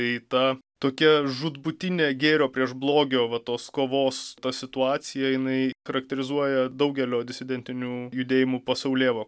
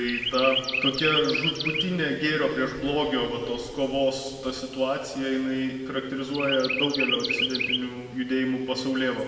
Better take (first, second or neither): first